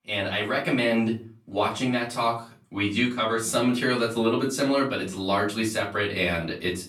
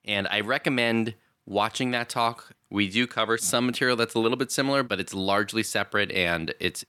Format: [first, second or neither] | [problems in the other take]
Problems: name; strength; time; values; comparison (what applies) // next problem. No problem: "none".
second | room echo; slight; dies away in 0.3 s // off-mic speech; far